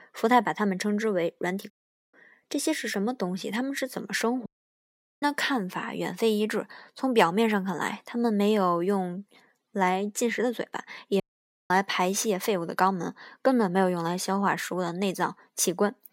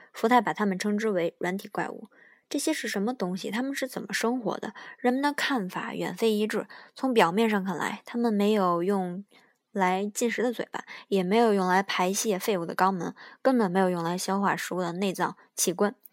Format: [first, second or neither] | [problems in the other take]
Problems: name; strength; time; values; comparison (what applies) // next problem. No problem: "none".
second | audio cutting out; at 1.5 s, at 4.5 s for 1 s and at 11 s for 0.5 s